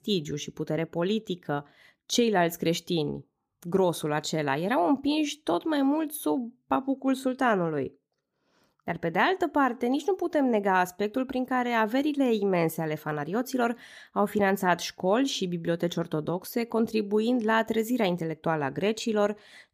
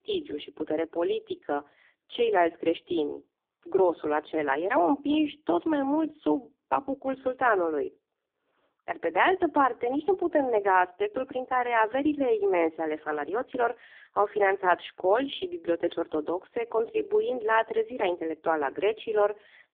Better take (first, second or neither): first